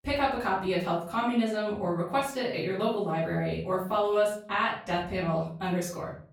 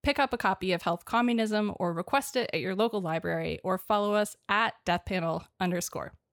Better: second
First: off-mic speech; far // room echo; noticeable; dies away in 0.5 s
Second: none

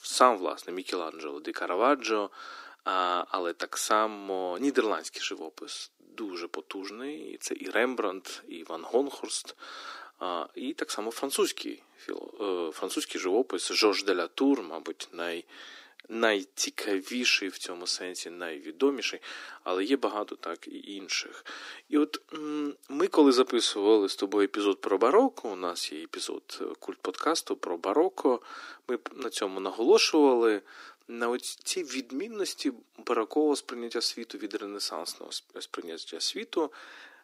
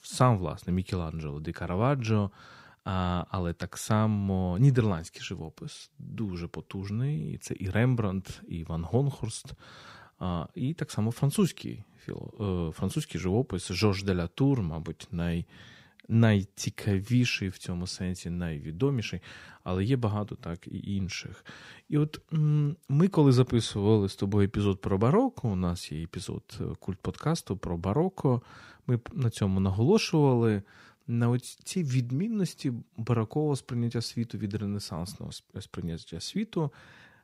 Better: second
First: thin; somewhat; fading below 300 Hz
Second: none

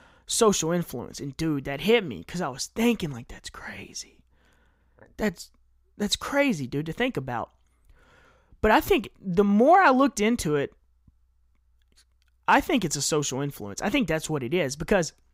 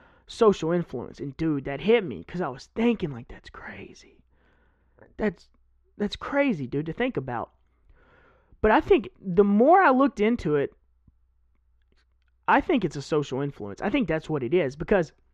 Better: first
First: none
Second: muffled; slightly; fading above 2.5 kHz

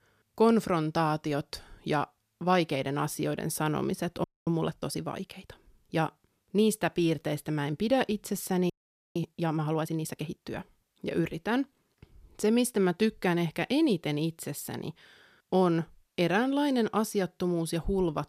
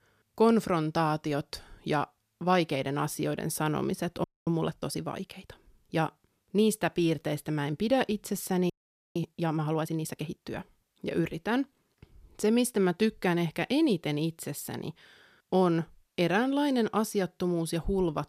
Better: neither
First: audio freezing; at 4 s and at 8.5 s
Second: audio freezing; at 4 s and at 8.5 s

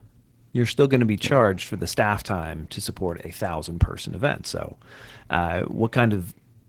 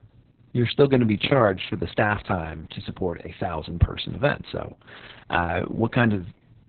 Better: first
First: garbled, watery; slightly; nothing above 18.5 kHz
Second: garbled, watery; badly; nothing above 4 kHz

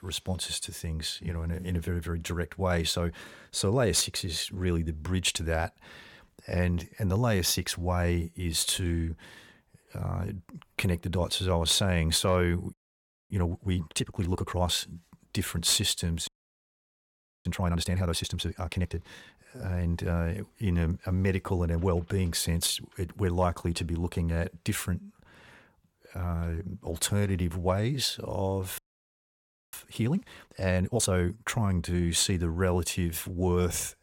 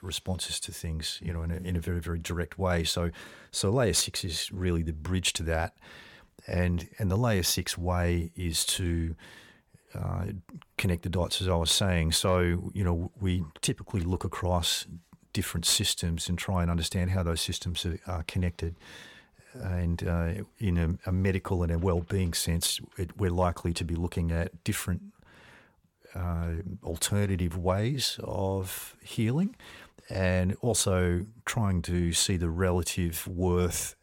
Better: second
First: audio freezing; at 13 s for 0.5 s, at 16 s for 1 s and at 29 s for 1 s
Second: none

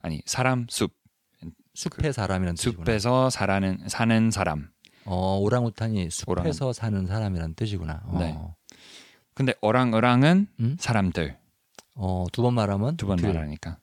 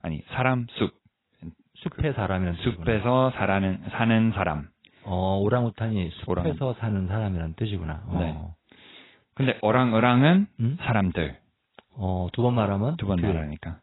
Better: first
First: none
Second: garbled, watery; badly; nothing above 4 kHz

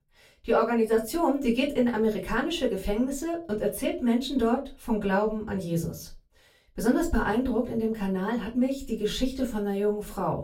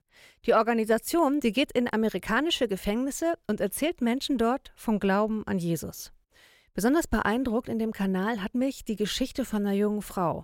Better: second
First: off-mic speech; far // room echo; very slight; dies away in 0.3 s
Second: none

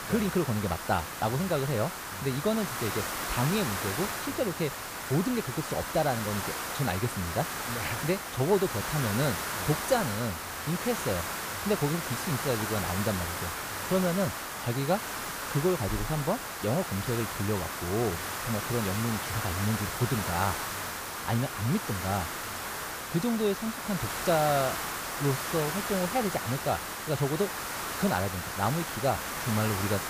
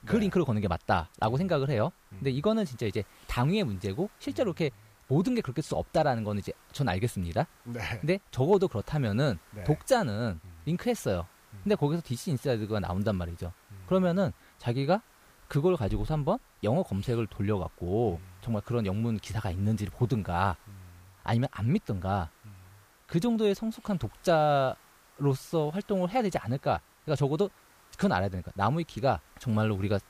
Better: second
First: hiss; loud; throughout; 3 dB below the speech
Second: hiss; faint; throughout; 30 dB below the speech

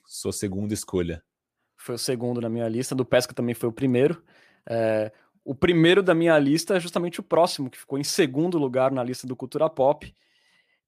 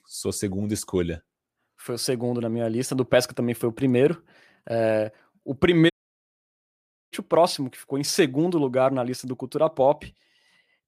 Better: first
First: none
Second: audio cutting out; at 6 s for 1 s

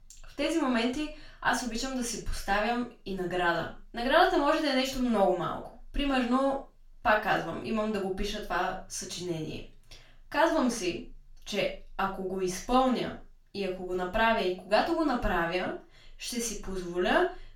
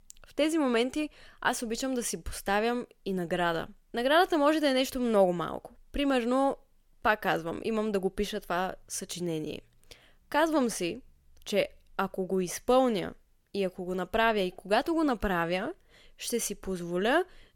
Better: second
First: room echo; slight; dies away in 0.3 s // off-mic speech; far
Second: none

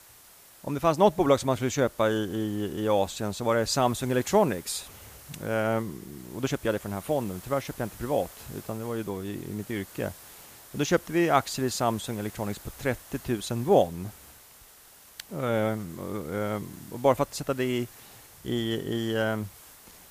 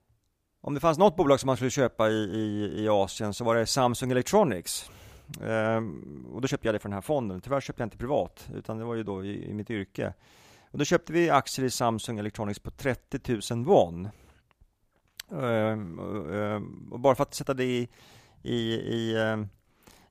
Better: second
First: hiss; noticeable; throughout; 20 dB below the speech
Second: none

